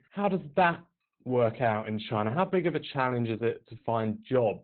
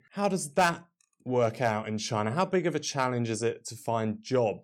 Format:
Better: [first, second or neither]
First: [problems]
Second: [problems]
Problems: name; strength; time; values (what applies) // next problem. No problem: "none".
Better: second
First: garbled, watery; badly; nothing above 4 kHz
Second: none